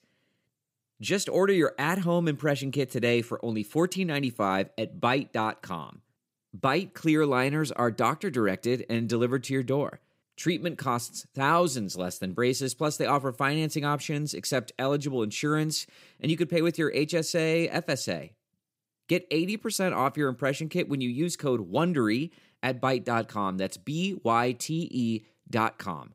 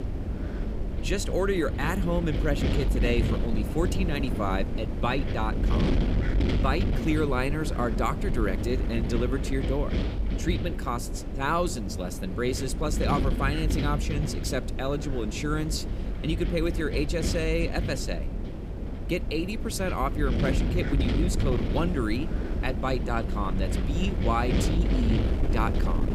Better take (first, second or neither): first